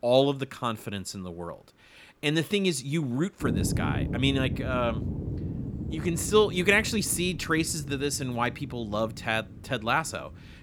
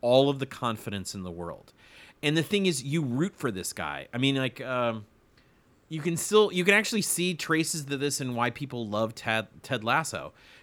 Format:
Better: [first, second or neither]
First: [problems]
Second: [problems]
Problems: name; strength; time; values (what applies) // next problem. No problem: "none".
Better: second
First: low rumble; noticeable; from 3.5 s on; 15 dB below the speech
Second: none